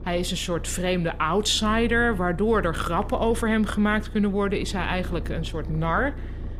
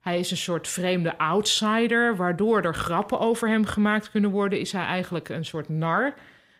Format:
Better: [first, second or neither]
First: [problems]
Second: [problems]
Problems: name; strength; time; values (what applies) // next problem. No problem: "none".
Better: second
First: low rumble; faint; throughout; 20 dB below the speech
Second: none